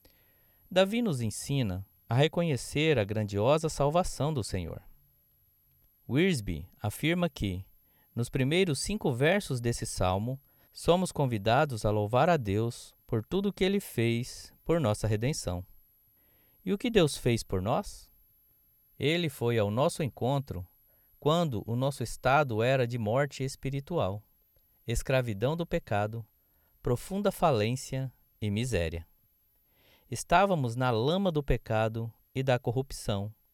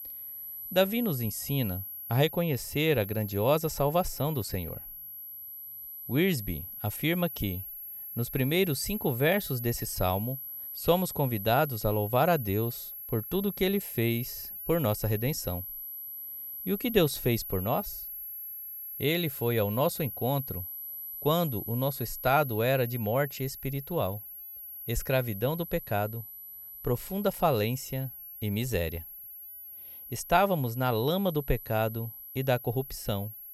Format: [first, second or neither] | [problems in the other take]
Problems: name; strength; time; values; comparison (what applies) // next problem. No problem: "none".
first | high-pitched whine; loud; throughout; 12 kHz, 9 dB below the speech; faint in the first